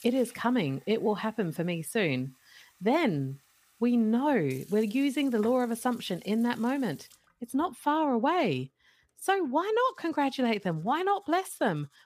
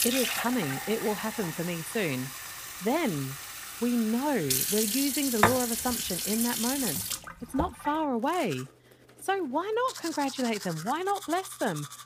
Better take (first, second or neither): first